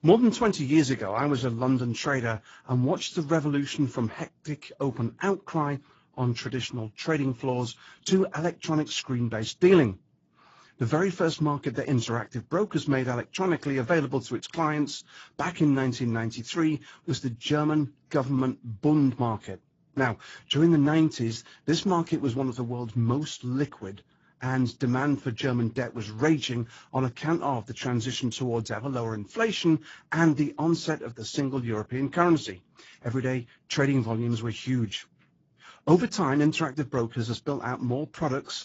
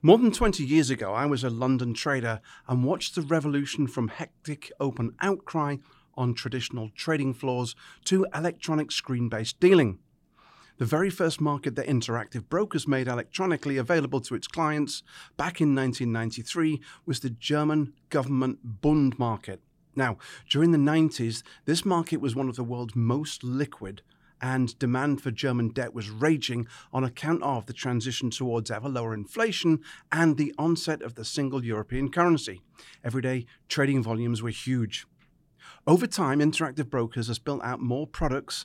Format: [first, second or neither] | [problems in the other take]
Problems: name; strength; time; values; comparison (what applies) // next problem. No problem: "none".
second | garbled, watery; badly; nothing above 7.5 kHz